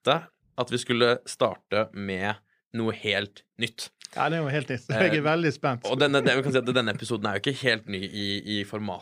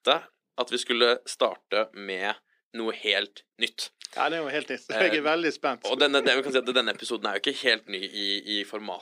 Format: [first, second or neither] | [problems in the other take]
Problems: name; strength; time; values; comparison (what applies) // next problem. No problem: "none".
first | thin; somewhat; fading below 250 Hz